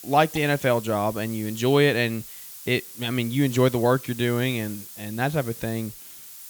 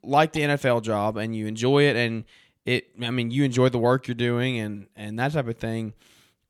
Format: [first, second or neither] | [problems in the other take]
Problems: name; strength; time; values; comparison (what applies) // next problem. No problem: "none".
second | hiss; noticeable; throughout; 15 dB below the speech